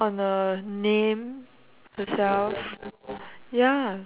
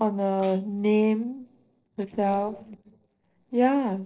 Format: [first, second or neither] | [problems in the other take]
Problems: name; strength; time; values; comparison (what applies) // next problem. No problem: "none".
first | noise reduction (neural separator model SepFormer DNS4)